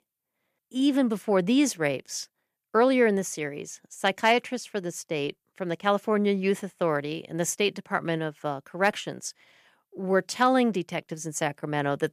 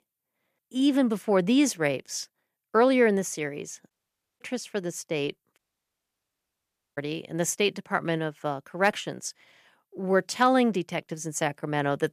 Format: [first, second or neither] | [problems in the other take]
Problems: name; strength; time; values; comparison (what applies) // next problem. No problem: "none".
first | audio cutting out; at 4 s for 0.5 s and at 5.5 s for 1.5 s